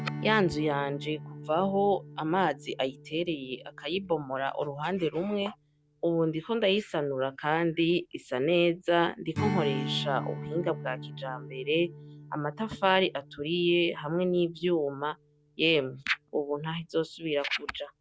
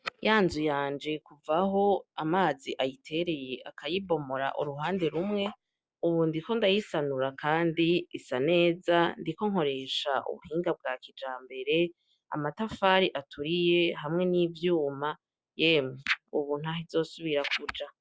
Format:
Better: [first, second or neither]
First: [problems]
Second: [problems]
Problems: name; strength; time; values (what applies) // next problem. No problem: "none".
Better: second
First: background sound (Strum); 12 dB below the speech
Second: none